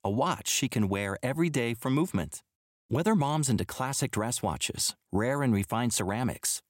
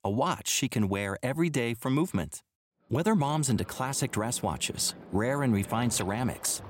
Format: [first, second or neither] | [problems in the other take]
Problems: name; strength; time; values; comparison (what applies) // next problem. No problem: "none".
first | train or aircraft noise; noticeable; from 3 s on; 20 dB below the speech